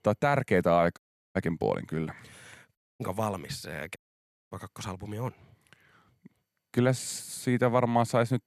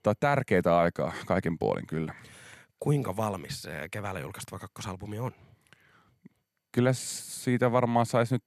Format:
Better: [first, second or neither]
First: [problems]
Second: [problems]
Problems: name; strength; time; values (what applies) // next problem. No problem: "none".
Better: second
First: audio cutting out; at 1 s, at 3 s and at 4 s for 0.5 s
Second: none